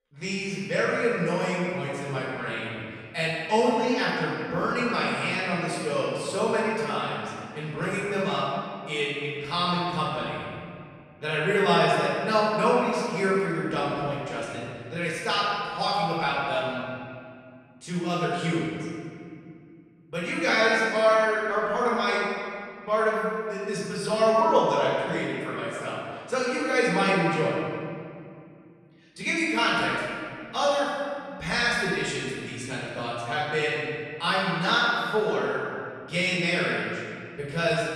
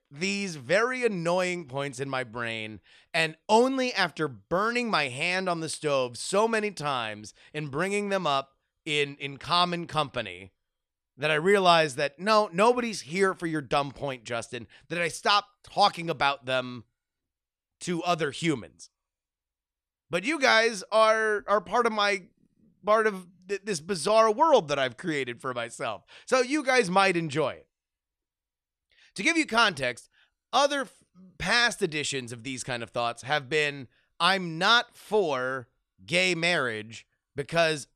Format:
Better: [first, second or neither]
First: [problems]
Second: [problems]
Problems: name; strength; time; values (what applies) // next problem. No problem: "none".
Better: second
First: off-mic speech; far // room echo; strong; dies away in 2.2 s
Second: none